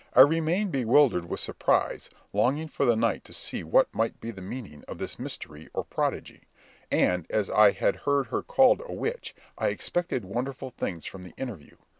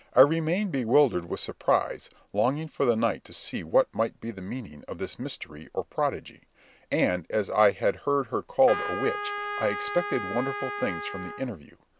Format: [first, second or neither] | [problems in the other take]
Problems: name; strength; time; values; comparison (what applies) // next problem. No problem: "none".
first | background sound (Trumpet); 7 dB below the speech